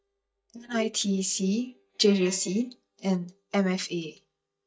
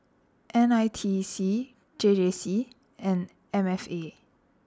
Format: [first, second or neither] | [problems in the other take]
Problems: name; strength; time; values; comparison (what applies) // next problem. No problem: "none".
second | noise reduction (neural mask model DeepFilterNet 3)